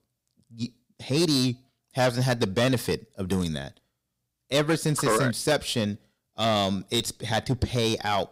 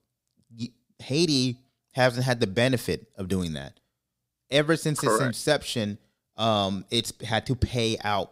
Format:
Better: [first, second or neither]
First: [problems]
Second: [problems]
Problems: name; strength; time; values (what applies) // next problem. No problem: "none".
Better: second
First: distortion; slight; 5% of the sound clipped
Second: none